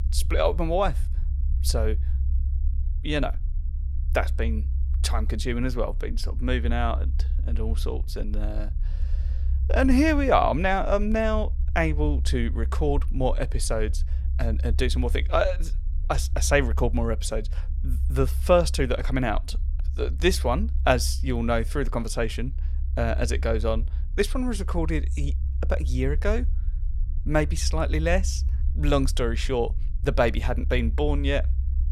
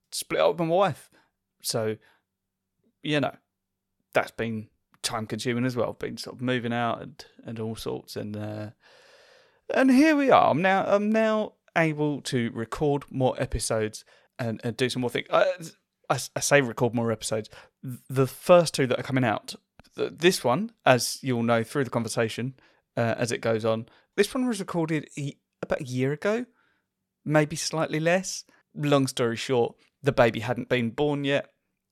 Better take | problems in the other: second | low rumble; faint; throughout; 20 dB below the speech

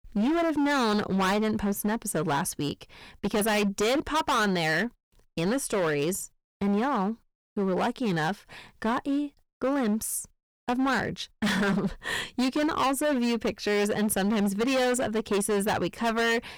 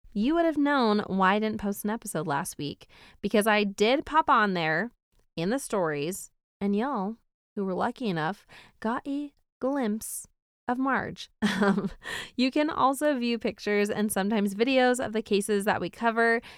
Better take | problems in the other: second | distortion; heavy; 20% of the sound clipped

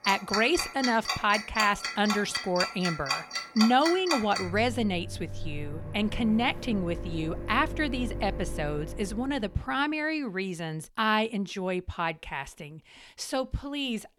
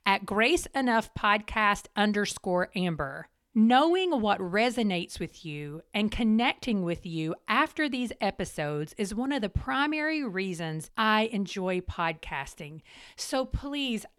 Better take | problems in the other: second | household noises; loud; until 9 s; 5 dB below the speech

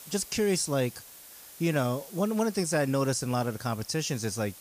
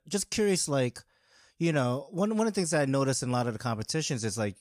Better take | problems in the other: second | hiss; noticeable; throughout; 15 dB below the speech

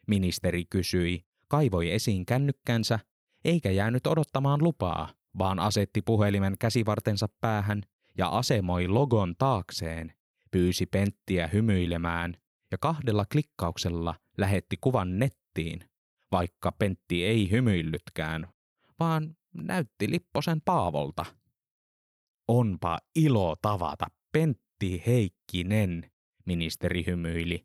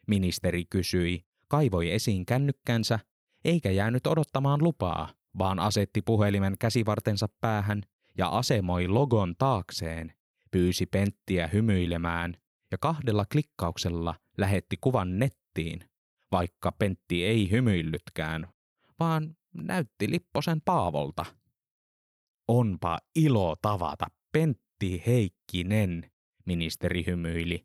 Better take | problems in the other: neither | none

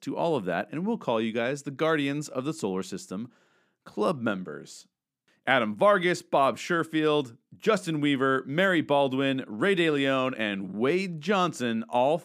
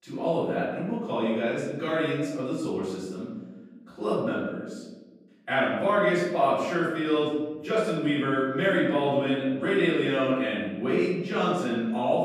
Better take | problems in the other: first | off-mic speech; far // room echo; noticeable; dies away in 1.1 s

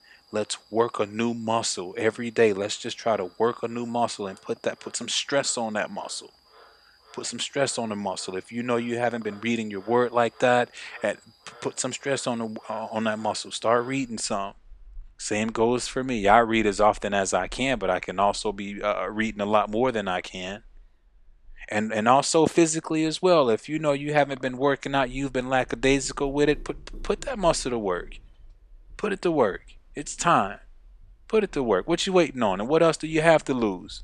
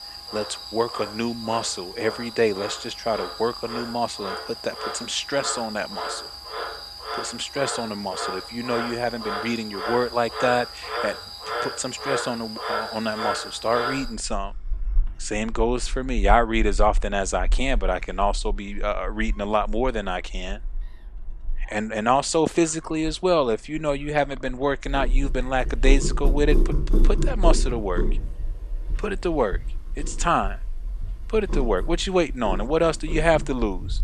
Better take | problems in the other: first | animal sounds; loud; throughout; 5 dB below the speech; faint in the first

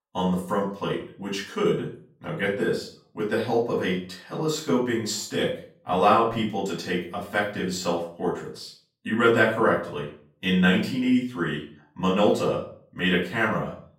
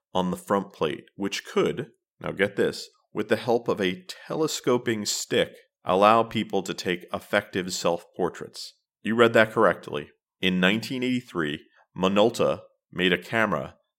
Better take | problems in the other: second | off-mic speech; far // room echo; slight; dies away in 0.4 s

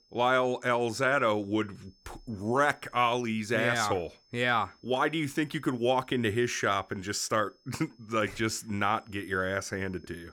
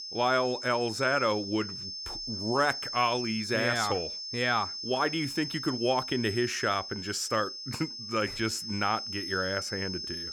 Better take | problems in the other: first | high-pitched whine; loud; throughout; 5.5 kHz, 6 dB below the speech; faint in the first

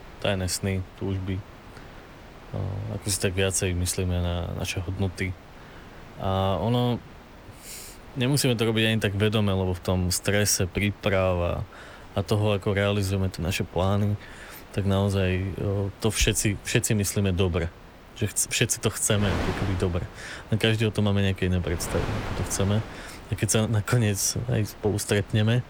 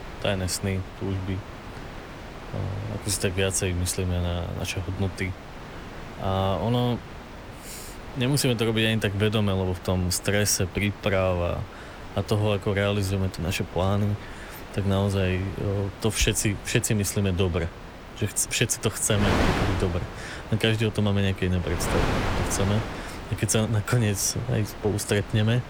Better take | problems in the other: first | wind noise on the microphone; heavy; 8 dB below the speech; occasional gusts in the first

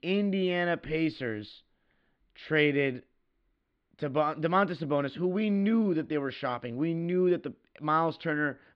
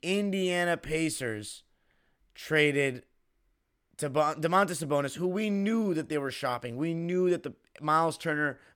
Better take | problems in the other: second | muffled; slightly; fading above 4 kHz

